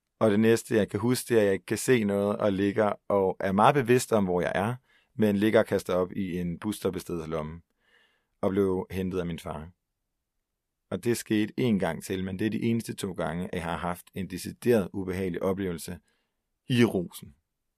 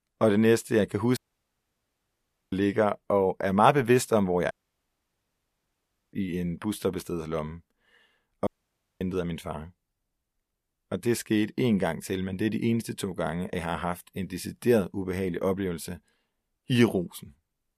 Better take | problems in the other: first | audio cutting out; at 1 s for 1.5 s, at 4.5 s for 1.5 s and at 8.5 s for 0.5 s

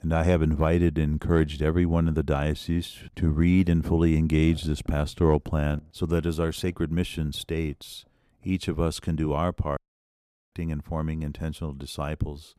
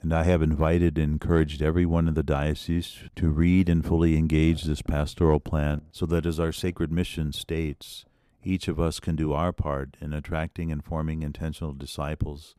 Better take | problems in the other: second | audio cutting out; at 10 s for 1 s

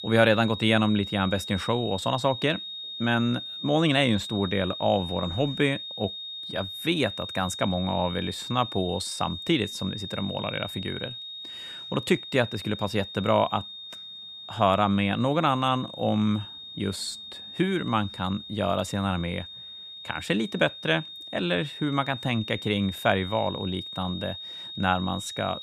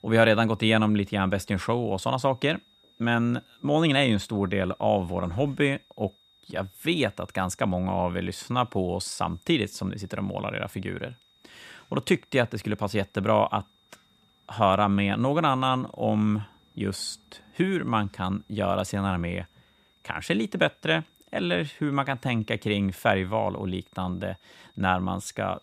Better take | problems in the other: second | high-pitched whine; loud; throughout; 3.5 kHz, 9 dB below the speech; faint in the second

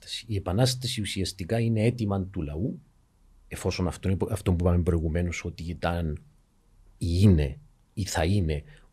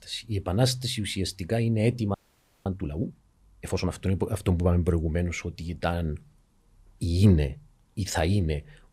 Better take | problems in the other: first | audio freezing; at 2 s for 0.5 s

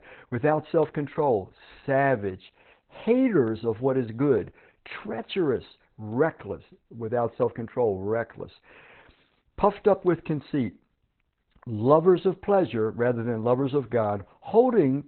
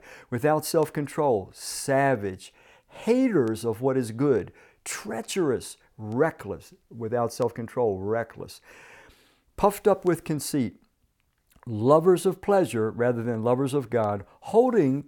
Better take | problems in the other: second | garbled, watery; badly; nothing above 4 kHz

